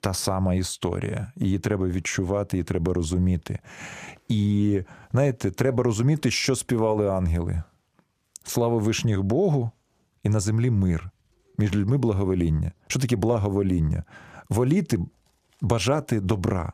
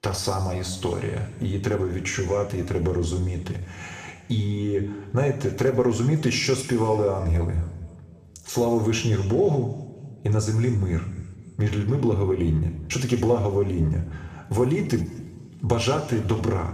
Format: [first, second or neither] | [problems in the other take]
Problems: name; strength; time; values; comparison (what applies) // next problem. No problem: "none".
first | room echo; slight; dies away in 1.7 s // off-mic speech; somewhat distant